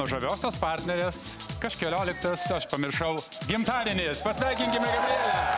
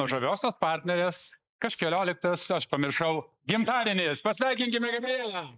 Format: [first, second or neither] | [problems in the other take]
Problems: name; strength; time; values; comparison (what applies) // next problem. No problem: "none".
first | noise reduction (neural mask model Resemble Enhance denoiser)